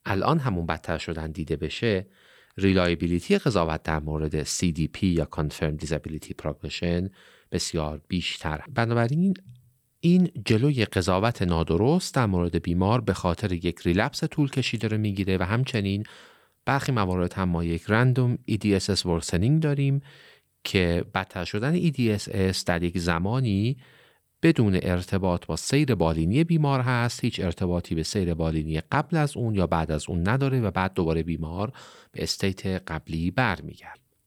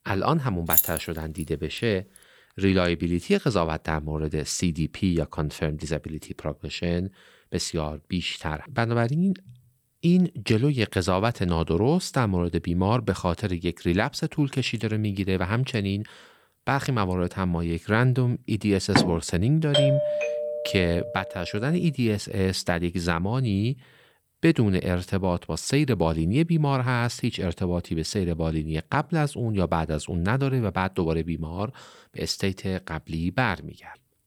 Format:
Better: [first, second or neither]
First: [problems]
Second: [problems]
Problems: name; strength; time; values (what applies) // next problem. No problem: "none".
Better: first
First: none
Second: jangling keys; loud; at 0.5 s; peak 6 dB above the speech // door banging; loud; at 19 s; peak 2 dB above the speech // doorbell; loud; from 20 to 21 s; peak 3 dB above the speech